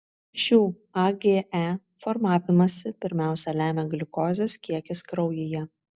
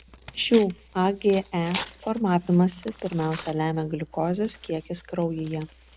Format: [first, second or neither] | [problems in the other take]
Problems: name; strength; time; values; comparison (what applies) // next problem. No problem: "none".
first | background sound (Tearing); 17 dB below the speech